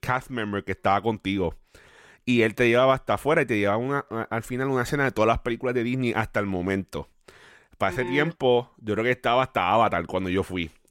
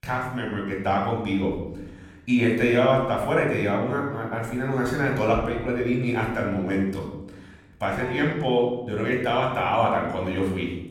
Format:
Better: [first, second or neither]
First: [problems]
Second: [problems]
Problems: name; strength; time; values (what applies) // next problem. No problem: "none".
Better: first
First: none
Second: off-mic speech; somewhat distant // room echo; noticeable; dies away in 0.9 s